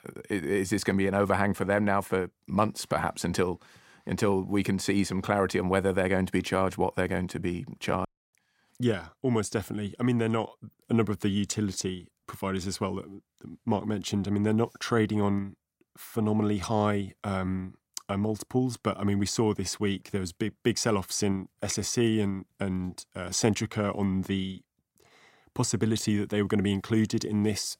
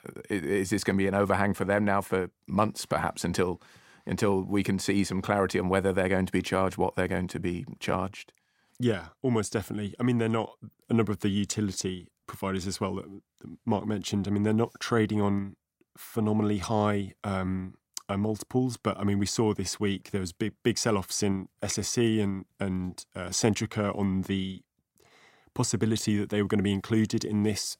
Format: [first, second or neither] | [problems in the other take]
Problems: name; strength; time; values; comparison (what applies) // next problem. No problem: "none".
second | audio cutting out; at 8 s